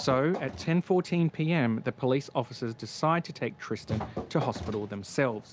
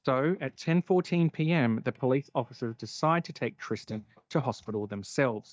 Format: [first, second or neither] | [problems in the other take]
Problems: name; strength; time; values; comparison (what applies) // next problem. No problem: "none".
first | noise reduction (neural mask model DeepFilterNet 3)